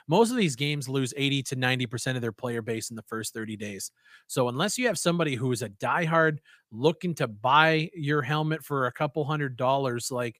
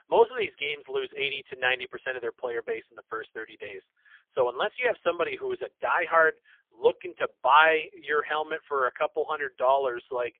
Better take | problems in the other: first | phone-call audio; poor line; nothing above 3.5 kHz

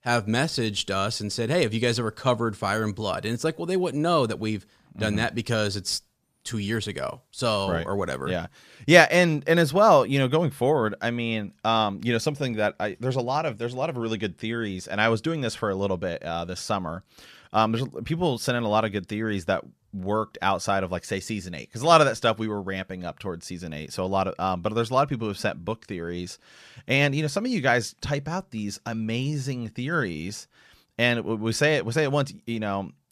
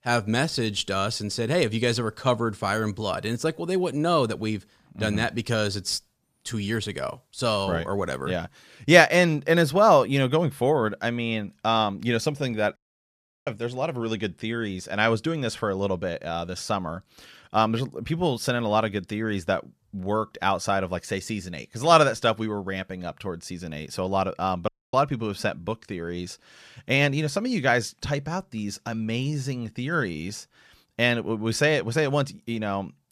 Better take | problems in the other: first | audio cutting out; at 13 s for 0.5 s and at 25 s

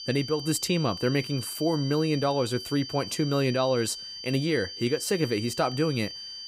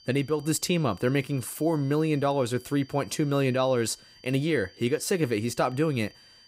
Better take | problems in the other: second | high-pitched whine; loud; throughout; 4.5 kHz, 9 dB below the speech; faint in the second

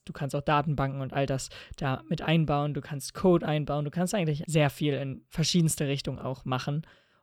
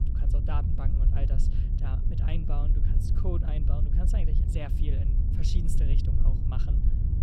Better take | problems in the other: first | low rumble; loud; throughout; 1 dB below the speech

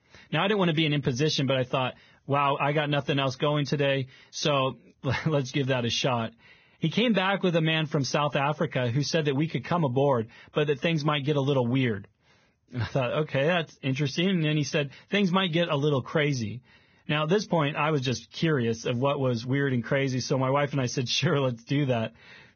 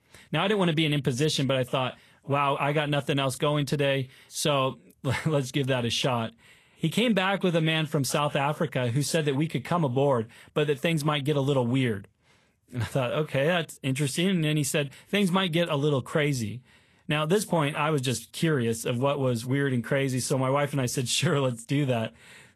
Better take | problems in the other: second | garbled, watery; badly; nothing above 6.5 kHz; slightly in the second

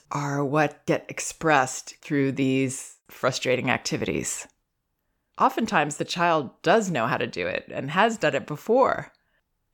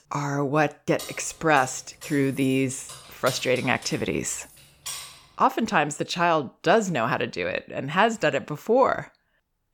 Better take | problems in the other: first | jangling keys; noticeable; from 1 to 5 s; peak 9 dB below the speech

